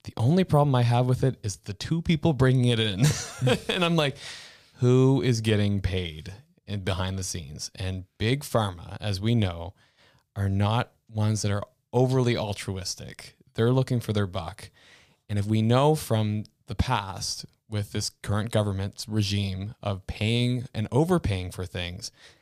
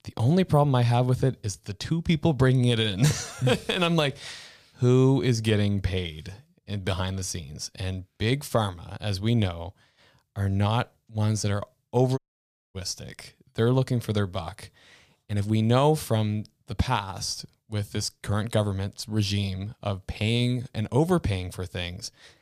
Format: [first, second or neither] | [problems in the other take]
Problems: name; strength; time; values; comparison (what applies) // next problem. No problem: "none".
first | audio cutting out; at 12 s for 0.5 s